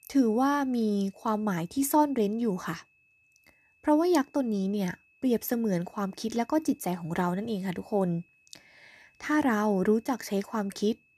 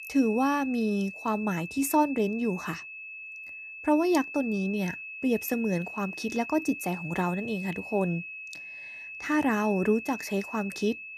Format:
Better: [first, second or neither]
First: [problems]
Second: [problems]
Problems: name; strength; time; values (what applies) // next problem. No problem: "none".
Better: first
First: high-pitched whine; faint; throughout; 2.5 kHz, 35 dB below the speech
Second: high-pitched whine; loud; throughout; 2.5 kHz, 10 dB below the speech